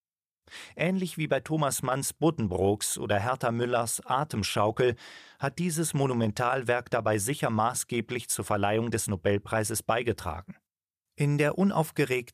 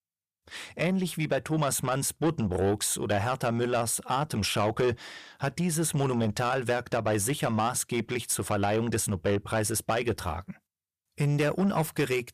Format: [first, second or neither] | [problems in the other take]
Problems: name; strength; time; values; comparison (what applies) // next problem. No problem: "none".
first | distortion; slight; 10 dB below the speech